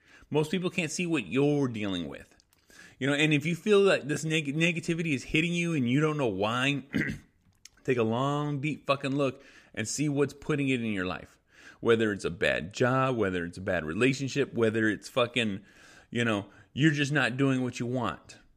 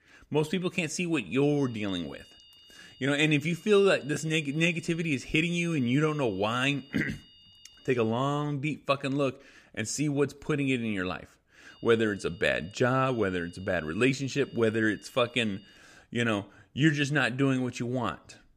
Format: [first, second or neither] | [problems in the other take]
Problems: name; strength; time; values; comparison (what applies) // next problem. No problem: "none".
first | high-pitched whine; faint; from 1.5 to 8 s and from 12 to 16 s; 3 kHz, 25 dB below the speech